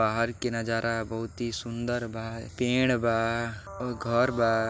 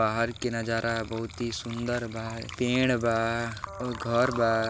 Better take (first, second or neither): first